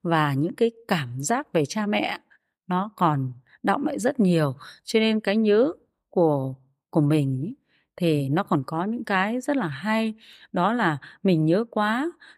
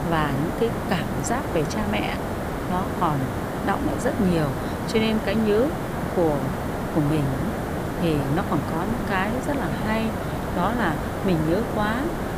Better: first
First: none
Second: hiss; loud; throughout; 2 dB below the speech

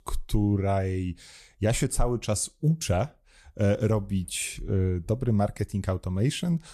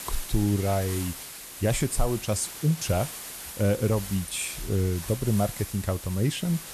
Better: first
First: none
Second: hiss; loud; throughout; 10 dB below the speech

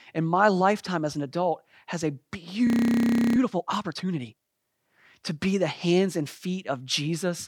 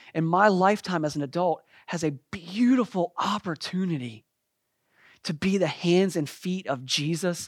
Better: second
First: audio freezing; at 2.5 s for 0.5 s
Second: none

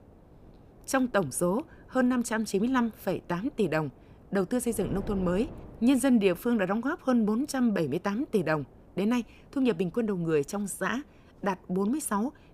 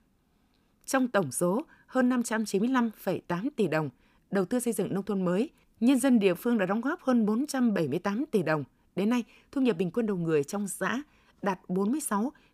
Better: second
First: wind noise on the microphone; occasional gusts; 25 dB below the speech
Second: none

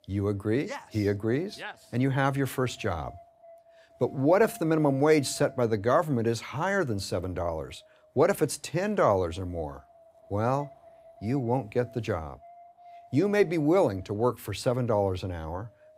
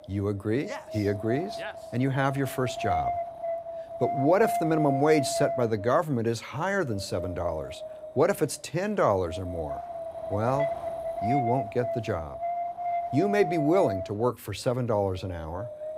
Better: first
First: wind noise on the microphone; occasional gusts; 25 dB below the speech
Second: wind noise on the microphone; heavy; 3 dB below the speech

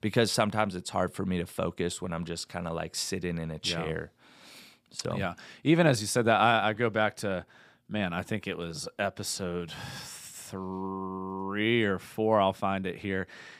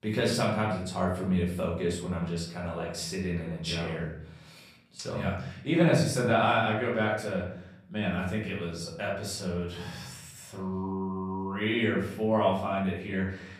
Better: first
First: none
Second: off-mic speech; far // room echo; noticeable; dies away in 0.8 s

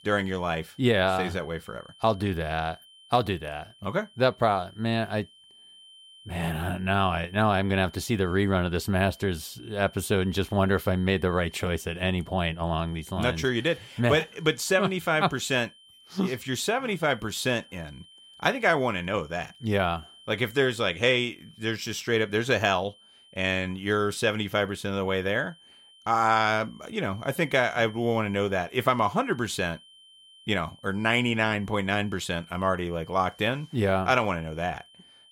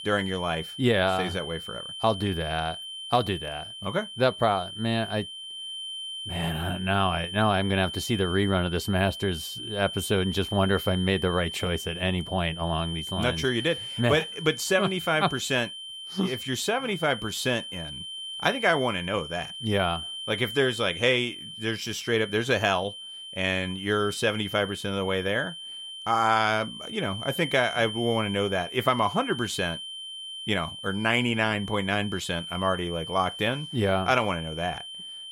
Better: first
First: high-pitched whine; faint; throughout; 3 kHz, 25 dB below the speech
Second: high-pitched whine; loud; throughout; 3 kHz, 9 dB below the speech

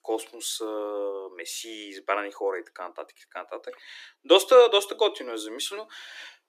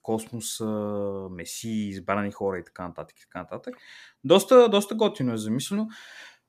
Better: second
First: thin; very; fading below 300 Hz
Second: none

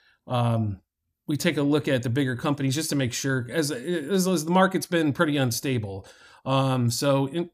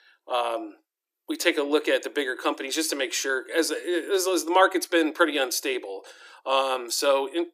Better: first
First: none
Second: thin; very; fading below 300 Hz

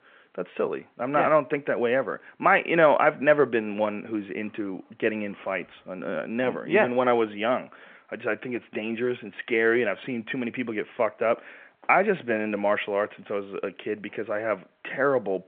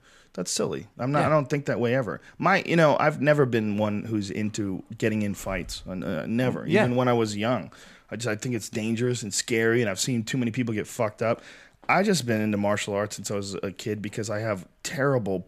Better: second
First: phone-call audio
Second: none

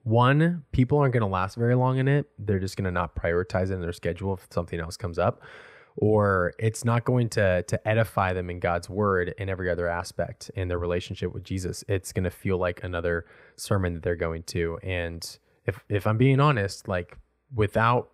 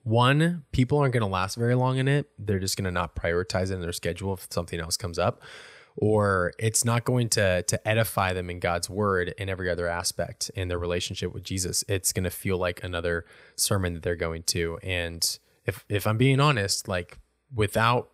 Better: second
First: muffled; slightly; fading above 3 kHz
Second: none

